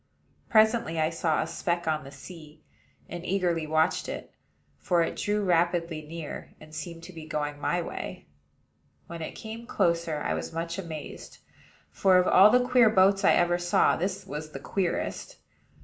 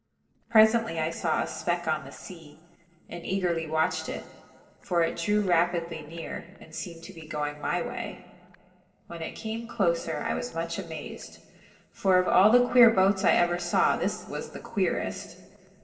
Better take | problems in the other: first | noise reduction (neural separator model SepFormer DNS4)

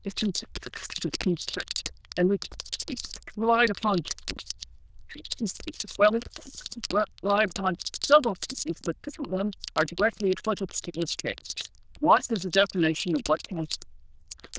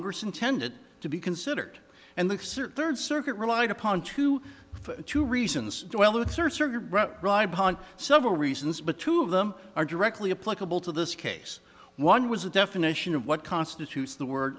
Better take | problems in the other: second | noise reduction (neural diffusion model UNIVERSE++)

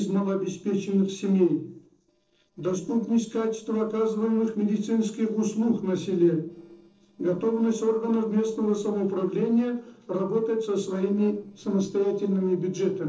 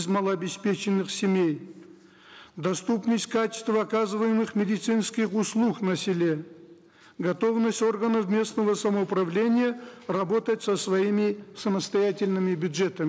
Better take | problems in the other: second | noise reduction (neural separator model SepFormer DNS4)

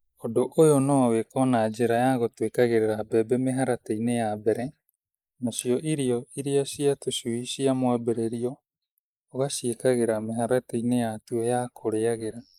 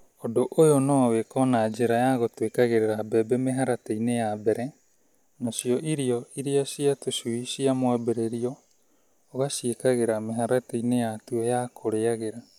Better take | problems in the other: second | noise reduction (neural mask model Resemble Enhance denoiser)

